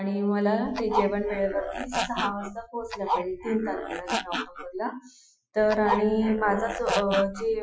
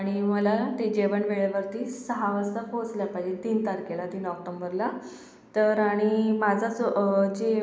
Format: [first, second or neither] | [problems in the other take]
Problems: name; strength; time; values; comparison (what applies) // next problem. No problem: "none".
second | noise reduction (classical method Wiener filter)